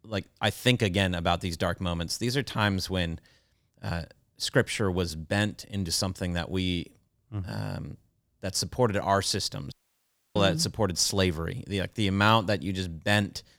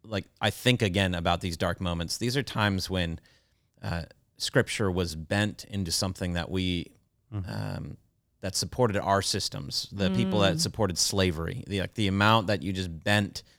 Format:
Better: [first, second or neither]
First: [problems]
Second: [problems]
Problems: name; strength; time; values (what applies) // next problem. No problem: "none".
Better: second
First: audio cutting out; at 9.5 s for 0.5 s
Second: none